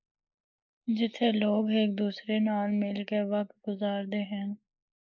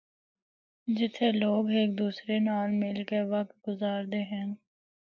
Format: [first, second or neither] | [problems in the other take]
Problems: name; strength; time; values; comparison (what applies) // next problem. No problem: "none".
second | noise reduction (neural mask model Resemble Enhance denoiser)